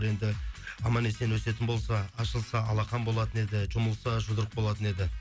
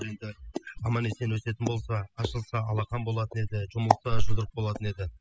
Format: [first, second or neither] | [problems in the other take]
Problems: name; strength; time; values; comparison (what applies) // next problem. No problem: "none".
first | noise reduction (classical method spectral subtraction)